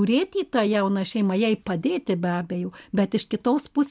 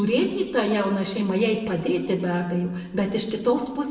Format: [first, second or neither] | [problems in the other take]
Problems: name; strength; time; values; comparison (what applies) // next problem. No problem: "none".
first | room echo; dies away in 1 s